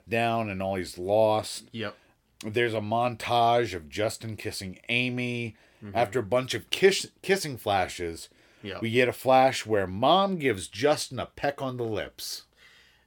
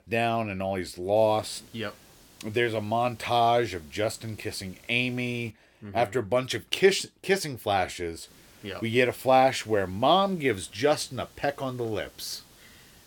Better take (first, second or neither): first